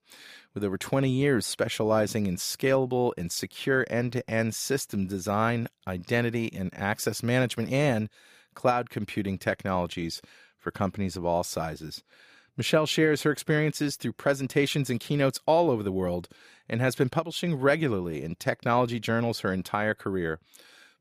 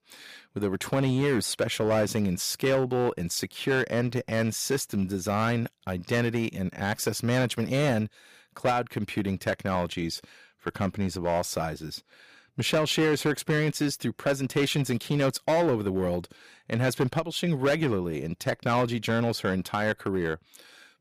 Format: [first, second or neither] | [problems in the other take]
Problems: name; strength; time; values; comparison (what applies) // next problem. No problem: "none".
first | distortion; slight; 6% of the sound clipped